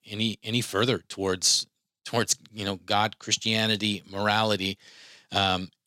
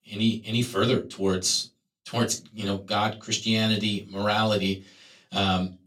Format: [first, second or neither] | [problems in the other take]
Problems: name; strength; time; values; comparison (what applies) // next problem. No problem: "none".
first | off-mic speech; far // room echo; very slight; dies away in 0.2 s